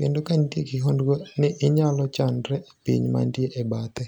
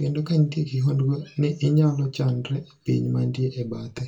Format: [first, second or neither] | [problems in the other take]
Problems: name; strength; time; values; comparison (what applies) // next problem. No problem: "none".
first | room echo; dies away in 0.2 s